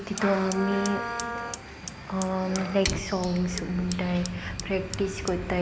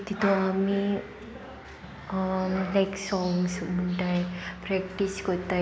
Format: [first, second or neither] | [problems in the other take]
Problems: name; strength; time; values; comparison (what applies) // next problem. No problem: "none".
second | background sound (Wind instrument, woodwind instrument + Fire); 7 dB below the speech